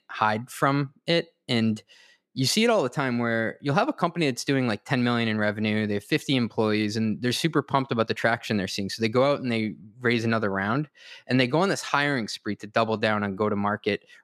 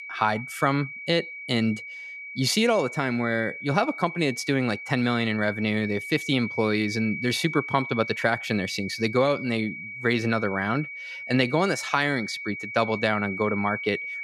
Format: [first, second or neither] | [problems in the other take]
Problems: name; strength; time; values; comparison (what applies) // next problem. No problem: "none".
first | high-pitched whine; loud; throughout; 2.5 kHz, 9 dB below the speech